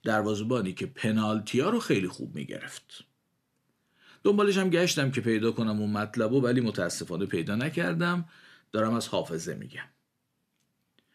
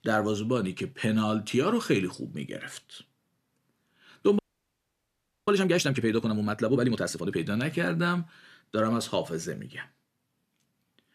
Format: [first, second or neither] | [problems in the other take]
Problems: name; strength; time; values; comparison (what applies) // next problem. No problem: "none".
first | audio freezing; at 4.5 s for 1 s